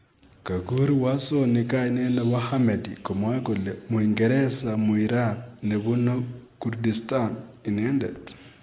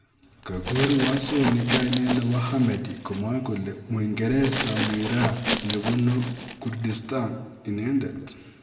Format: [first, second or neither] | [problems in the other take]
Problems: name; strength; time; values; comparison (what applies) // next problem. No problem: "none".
first | background sound (Glass); 6 dB below the speech // room echo; dies away in 1.2 s